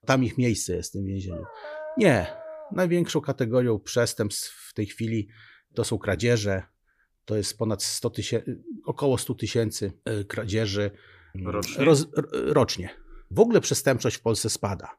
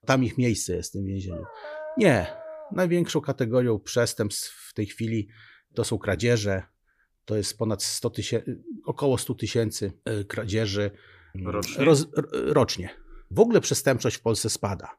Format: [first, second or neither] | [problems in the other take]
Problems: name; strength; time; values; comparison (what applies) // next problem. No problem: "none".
neither | dog barking; faint; from 1.5 to 3 s; peak 10 dB below the speech; the same in both